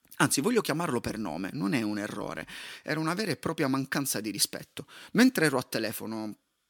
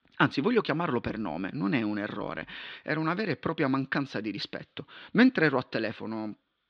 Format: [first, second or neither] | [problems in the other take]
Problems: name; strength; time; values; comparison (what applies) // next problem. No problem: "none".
first | muffled; slightly; fading above 4 kHz